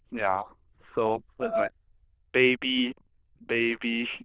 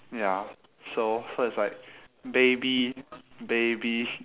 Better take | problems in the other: second | noise reduction (neural diffusion model UNIVERSE++)

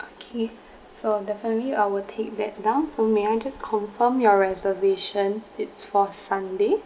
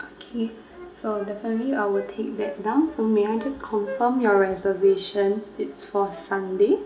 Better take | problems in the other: first | background sound (Wind instrument, woodwind instrument); 18 dB below the speech // room echo; dies away in 0.4 s

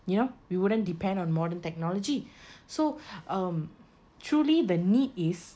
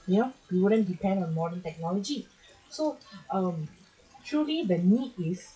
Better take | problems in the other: first | noise reduction (classical method WPE with log-MMSE)

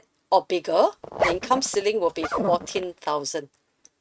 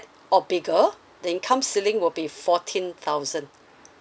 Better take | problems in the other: second | noise reduction (neural mask model RNNoise)

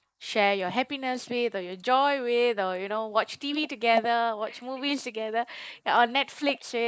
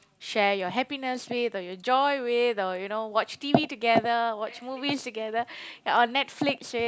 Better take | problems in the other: second | noise reduction (neural mask model Resemble Enhance denoiser)

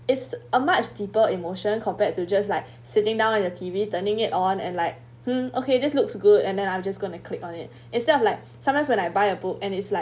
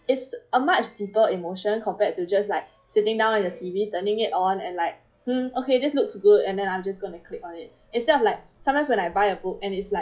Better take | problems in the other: first | noise reduction (classical method log-MMSE)

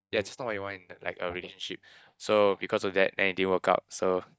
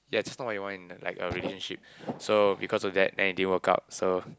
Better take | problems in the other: second | noise reduction (neural mask model DeepFilterNet 3)

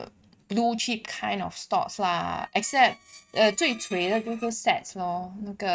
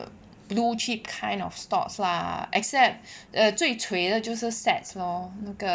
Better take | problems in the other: second | noise reduction (neural mask model RNNoise)

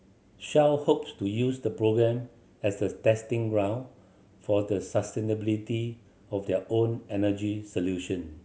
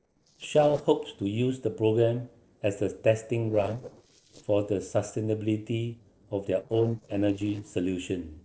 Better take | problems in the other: first | noise reduction (neural separator model SepFormer DNS4)

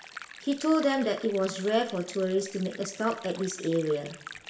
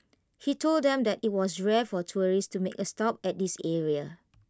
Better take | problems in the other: second | background sound (Stream); 17 dB below the speech // room echo; dies away in 0.7 s

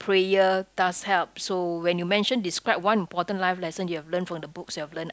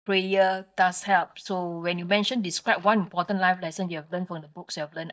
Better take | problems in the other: first | noise reduction (neural mask model DeepFilterNet 3)

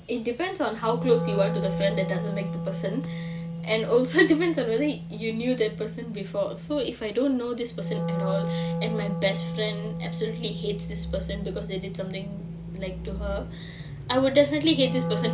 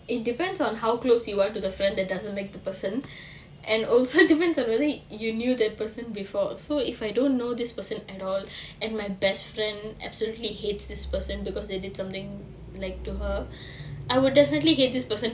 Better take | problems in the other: second | background sound (Wind instrument, woodwind instrument); 5 dB below the speech

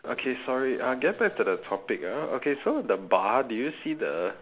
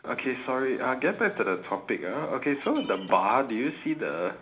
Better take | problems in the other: first | background sound (Shatter); 18 dB below the speech // room echo; dies away in 0.4 s

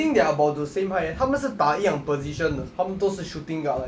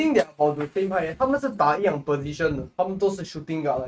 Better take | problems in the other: first | noise reduction (neural mask model RNNoise)

